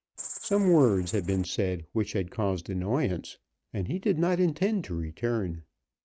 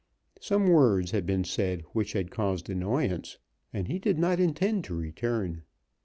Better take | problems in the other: second | noise reduction (neural mask model RNNoise)

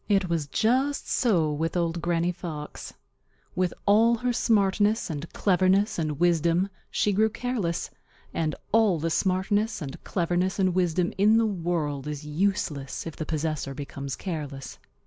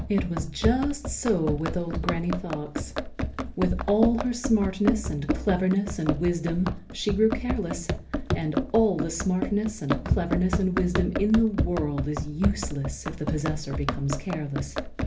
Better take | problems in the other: first | background sound (Run); 3 dB below the speech // room echo; dies away in 0.3 s

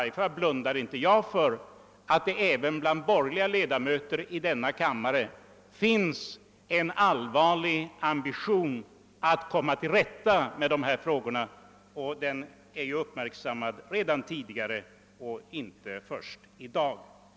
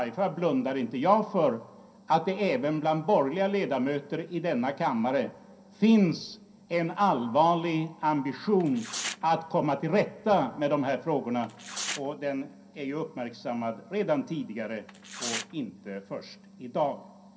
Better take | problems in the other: first | background sound (Tearing); 12 dB below the speech // room echo; dies away in 0.3 s

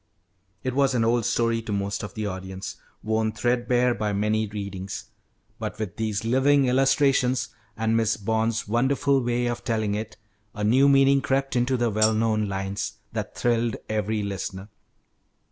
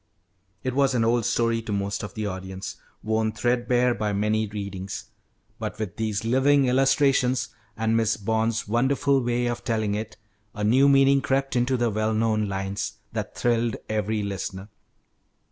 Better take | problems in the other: second | background sound (Tambourine); 9 dB below the speech

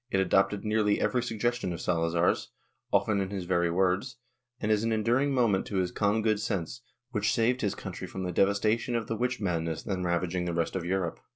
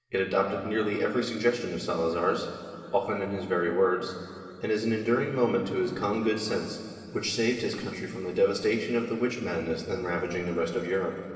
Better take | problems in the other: first | room echo; dies away in 2.7 s

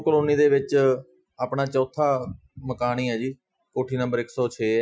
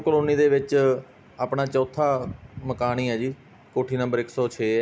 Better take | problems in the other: second | noise reduction (classical method Wiener filter)

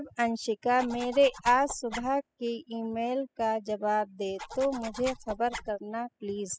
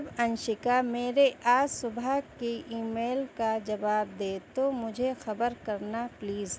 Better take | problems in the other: second | noise reduction (classical method spectral subtraction)

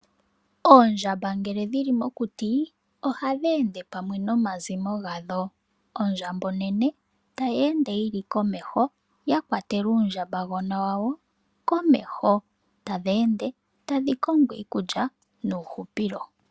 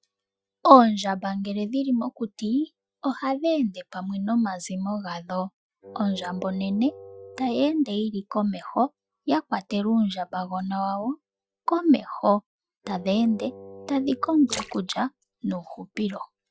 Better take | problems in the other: first | noise reduction (classical method Wiener filter)

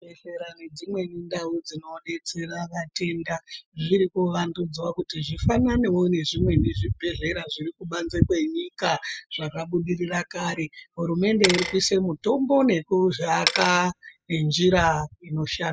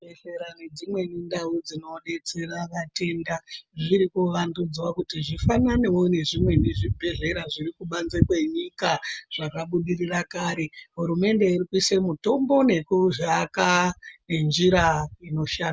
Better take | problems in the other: second | noise reduction (classical method spectral subtraction)

